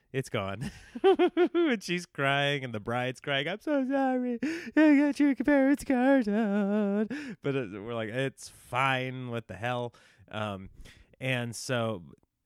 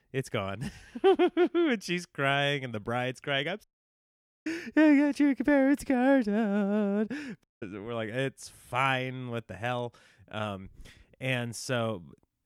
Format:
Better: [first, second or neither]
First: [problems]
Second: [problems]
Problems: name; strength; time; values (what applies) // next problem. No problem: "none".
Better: first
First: none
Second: audio cutting out; at 3.5 s for 1 s and at 7.5 s